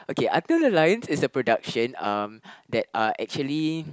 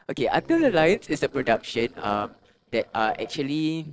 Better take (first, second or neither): first